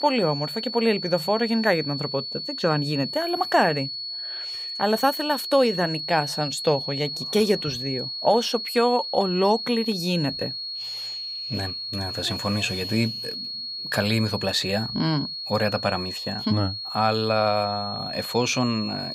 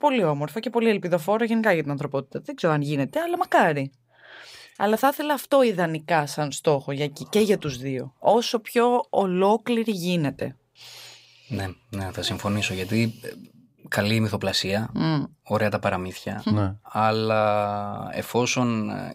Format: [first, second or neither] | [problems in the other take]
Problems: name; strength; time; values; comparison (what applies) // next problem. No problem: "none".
second | high-pitched whine; loud; throughout; 4.5 kHz, 5 dB below the speech